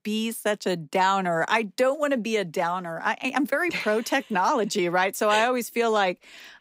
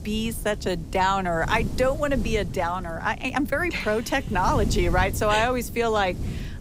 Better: first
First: none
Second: wind noise on the microphone; occasional gusts; 20 dB below the speech

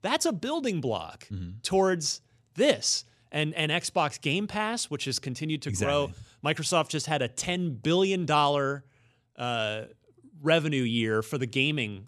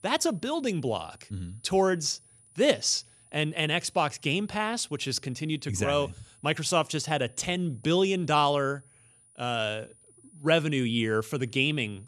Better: first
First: none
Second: high-pitched whine; faint; throughout; 9.5 kHz, 30 dB below the speech

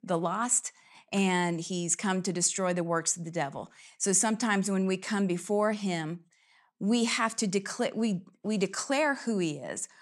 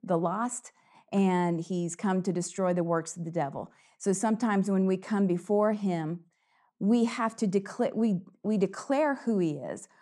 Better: first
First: none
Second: muffled; slightly; fading above 1.5 kHz

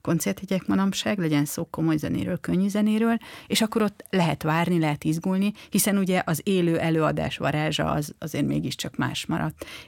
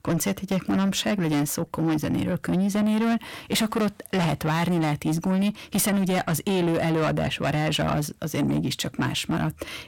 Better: first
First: none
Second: distortion; slight; 10 dB below the speech

